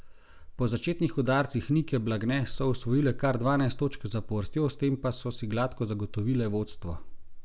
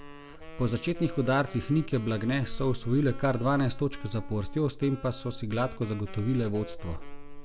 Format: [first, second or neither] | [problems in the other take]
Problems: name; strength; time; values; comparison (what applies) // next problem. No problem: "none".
first | background sound (Wind instrument, woodwind instrument); 18 dB below the speech